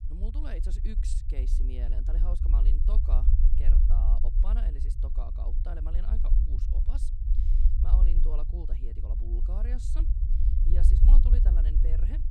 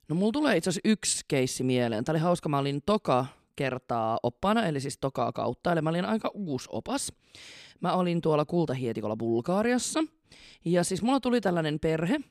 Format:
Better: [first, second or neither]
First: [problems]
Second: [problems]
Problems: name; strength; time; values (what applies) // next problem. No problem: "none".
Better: second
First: low rumble; loud; throughout; 1 dB below the speech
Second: none